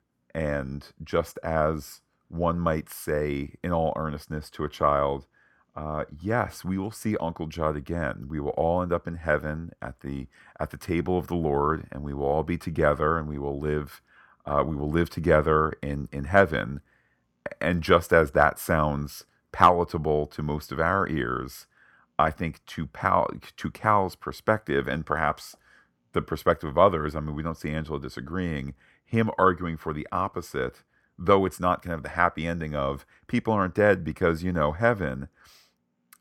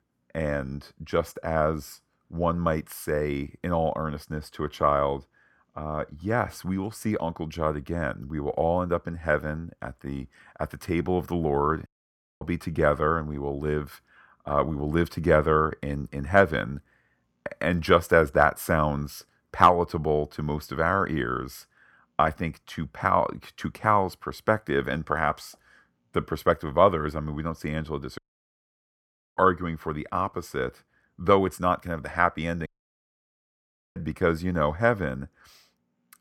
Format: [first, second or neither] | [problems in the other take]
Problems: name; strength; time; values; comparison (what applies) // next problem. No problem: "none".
first | audio cutting out; at 12 s for 0.5 s, at 28 s for 1 s and at 33 s for 1.5 s